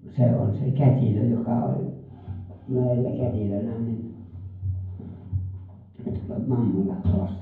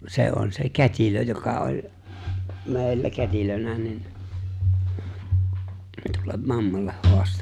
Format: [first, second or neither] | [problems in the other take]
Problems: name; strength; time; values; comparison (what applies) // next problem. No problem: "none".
second | room echo; dies away in 0.9 s